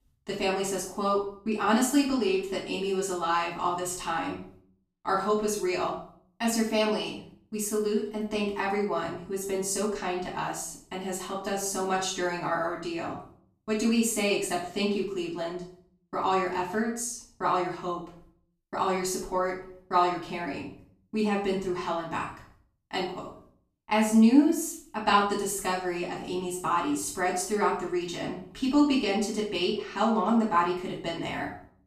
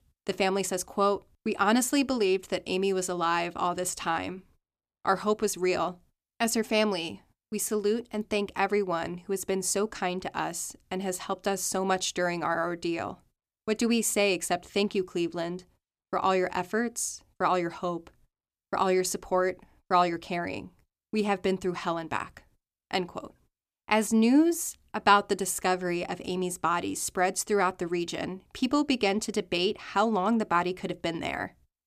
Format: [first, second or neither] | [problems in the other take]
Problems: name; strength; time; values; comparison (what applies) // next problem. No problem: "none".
second | room echo; noticeable; dies away in 0.5 s // off-mic speech; far